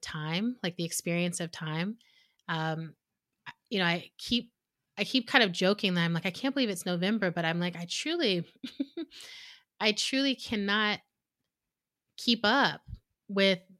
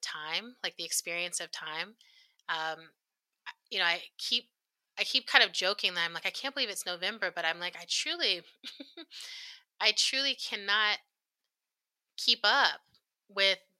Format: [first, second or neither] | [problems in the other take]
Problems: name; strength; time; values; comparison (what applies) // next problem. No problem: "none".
first | thin; very; fading below 750 Hz